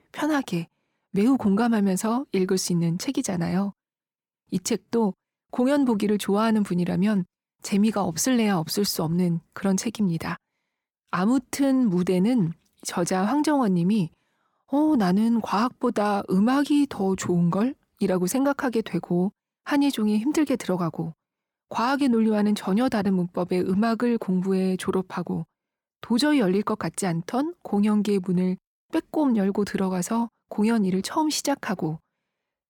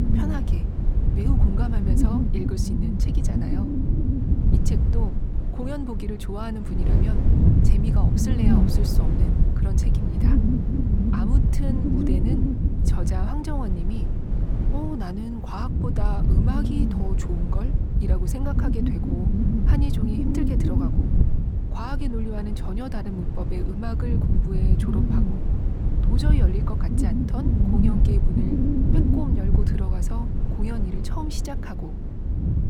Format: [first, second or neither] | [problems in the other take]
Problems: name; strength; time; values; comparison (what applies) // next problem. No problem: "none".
first | wind noise on the microphone; heavy; 2 dB above the speech